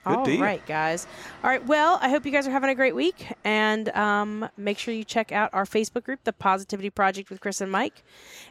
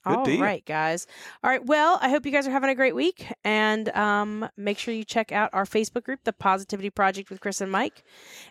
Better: second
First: train or aircraft noise; faint; throughout; 25 dB below the speech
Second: none

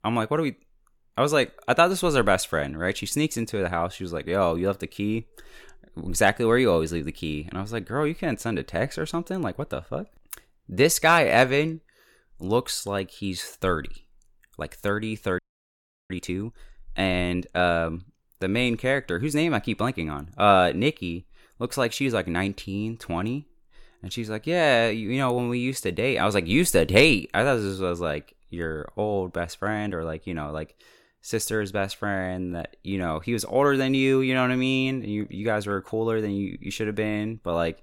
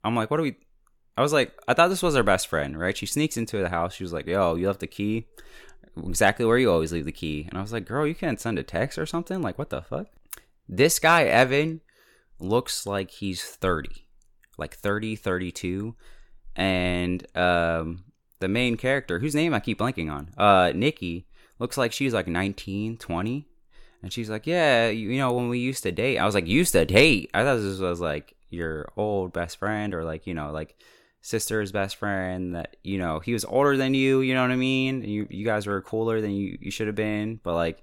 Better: second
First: audio freezing; at 15 s for 0.5 s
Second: none

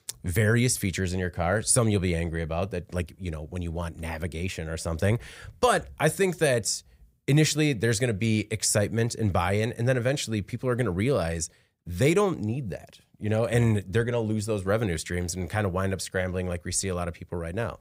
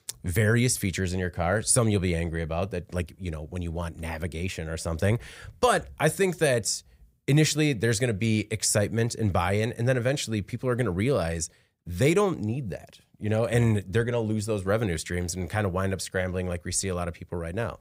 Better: neither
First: none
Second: none

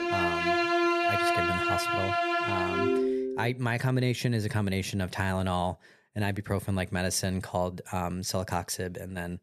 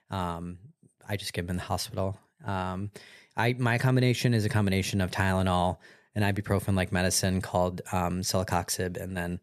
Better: second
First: background music; very loud; until 3.5 s; 4 dB above the speech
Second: none

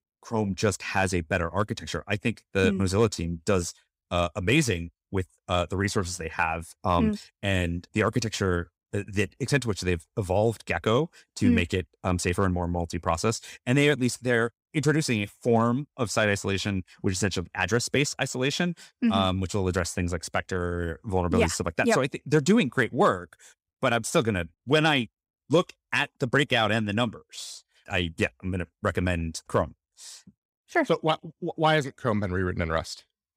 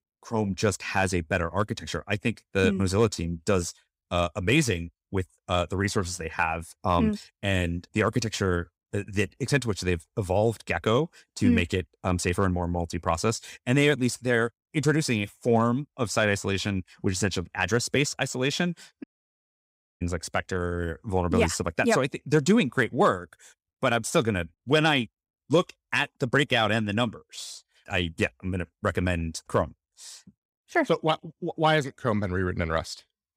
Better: first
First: none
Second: audio cutting out; at 19 s for 1 s

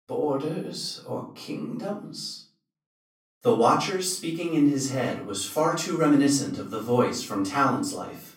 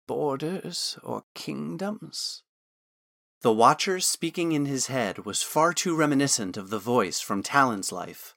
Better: second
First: off-mic speech; far // room echo; slight; dies away in 0.4 s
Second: none

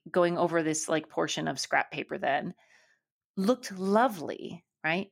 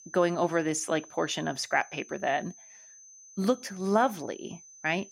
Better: first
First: none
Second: high-pitched whine; noticeable; throughout; 6 kHz, 20 dB below the speech

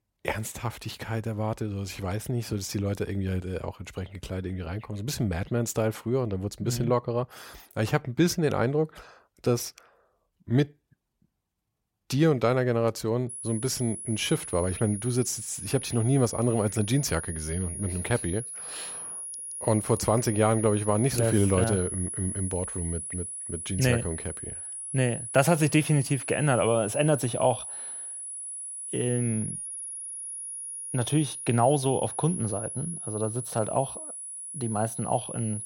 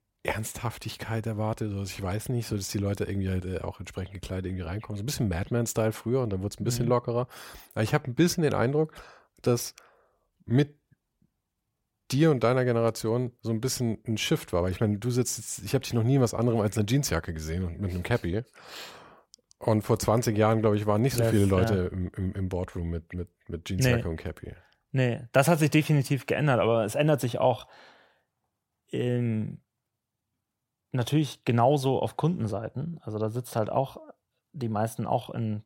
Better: second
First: high-pitched whine; loud; from 13 s on; 10.5 kHz, 7 dB below the speech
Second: none

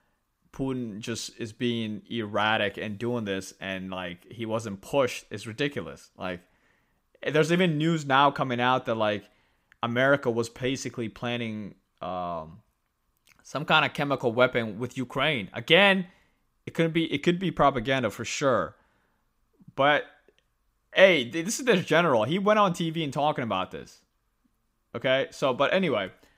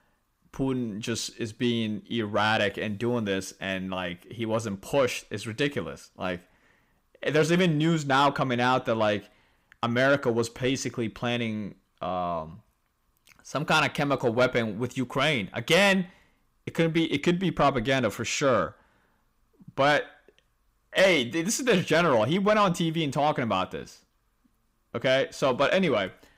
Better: first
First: none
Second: distortion; slight; 10 dB below the speech

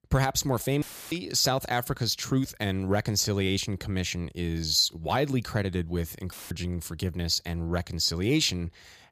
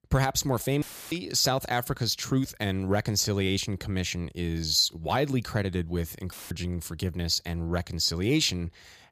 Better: neither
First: audio cutting out; filled with static; at 1 s and at 6.5 s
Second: audio cutting out; filled with static; at 1 s and at 6.5 s

